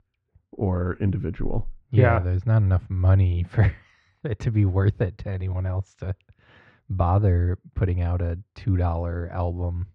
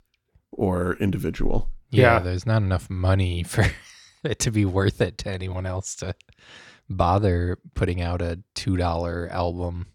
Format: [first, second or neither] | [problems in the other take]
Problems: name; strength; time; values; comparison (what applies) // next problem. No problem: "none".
second | muffled; very; fading above 2 kHz